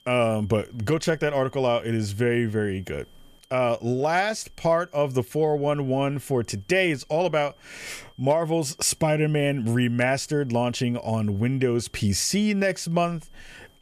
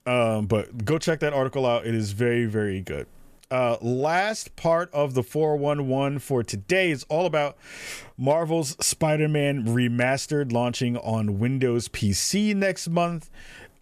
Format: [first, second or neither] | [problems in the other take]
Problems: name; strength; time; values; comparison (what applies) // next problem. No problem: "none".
second | high-pitched whine; faint; throughout; 3 kHz, 35 dB below the speech